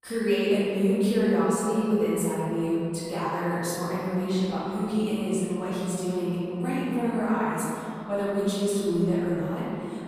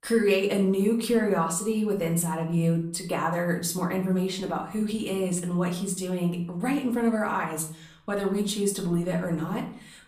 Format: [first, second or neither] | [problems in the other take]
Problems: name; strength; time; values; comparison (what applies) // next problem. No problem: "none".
second | room echo; strong; dies away in 2.5 s; slight in the second // off-mic speech; far; far in the second